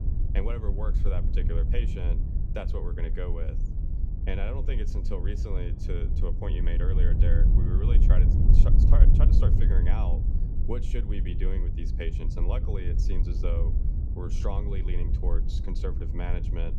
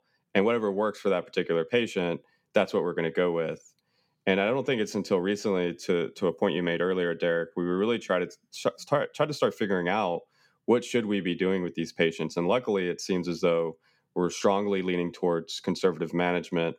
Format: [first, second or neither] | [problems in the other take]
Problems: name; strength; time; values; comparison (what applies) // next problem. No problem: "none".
second | wind noise on the microphone; heavy; 4 dB below the speech